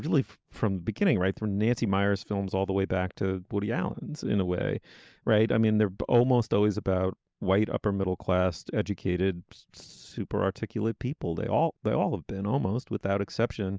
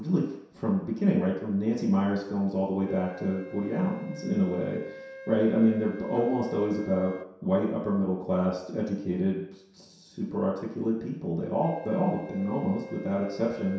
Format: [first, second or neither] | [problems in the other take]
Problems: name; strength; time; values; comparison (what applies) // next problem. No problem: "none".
first | background sound (Wind instrument, woodwind instrument); 19 dB below the speech // room echo; dies away in 0.7 s